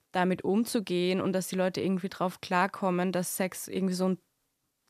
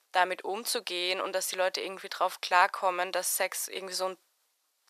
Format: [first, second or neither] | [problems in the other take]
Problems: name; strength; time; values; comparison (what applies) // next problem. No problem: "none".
first | thin; very; fading below 600 Hz